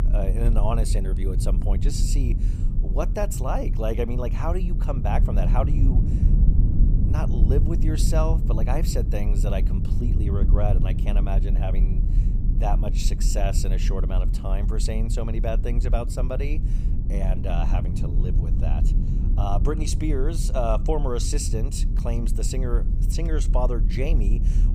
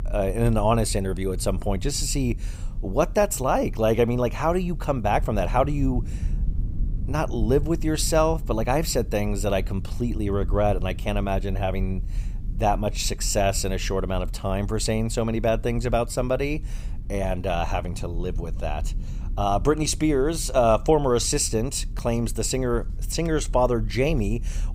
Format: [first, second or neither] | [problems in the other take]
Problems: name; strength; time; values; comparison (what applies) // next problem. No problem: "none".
second | low rumble; loud; throughout; 8 dB below the speech; faint in the second